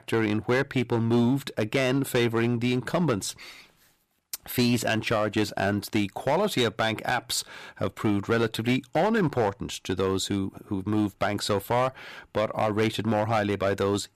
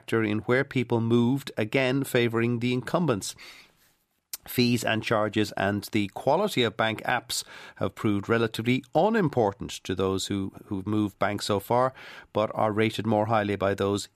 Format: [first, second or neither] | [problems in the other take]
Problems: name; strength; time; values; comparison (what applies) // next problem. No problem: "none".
second | distortion; slight; 5% of the sound clipped